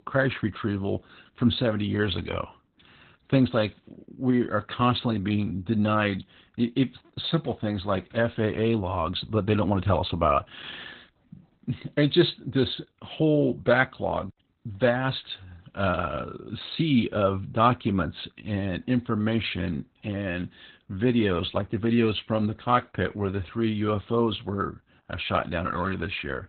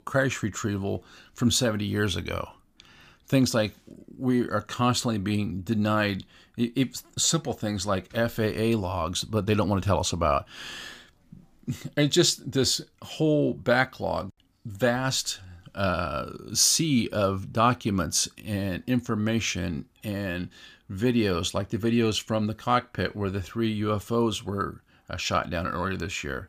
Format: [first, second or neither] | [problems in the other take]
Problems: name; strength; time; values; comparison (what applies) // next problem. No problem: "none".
second | garbled, watery; badly; nothing above 4 kHz